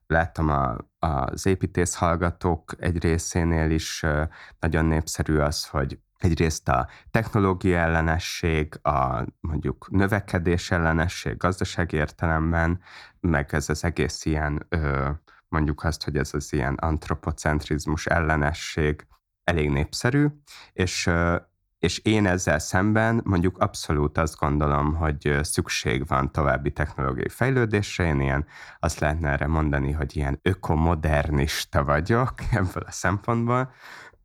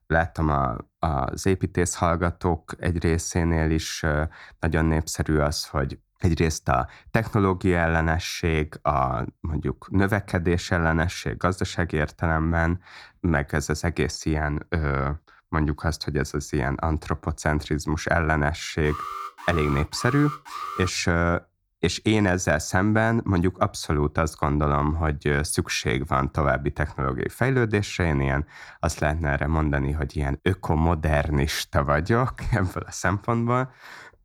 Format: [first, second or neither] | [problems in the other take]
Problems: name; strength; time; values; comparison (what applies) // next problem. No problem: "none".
first | alarm; noticeable; from 19 to 21 s; peak 8 dB below the speech